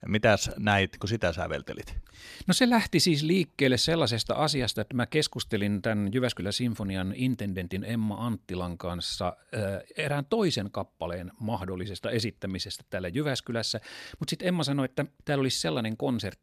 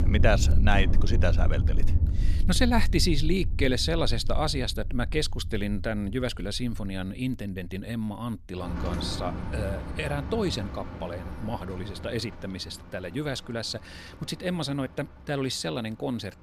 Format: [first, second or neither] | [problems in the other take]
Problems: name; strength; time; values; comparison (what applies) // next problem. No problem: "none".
first | rain or running water; loud; throughout; as loud as the speech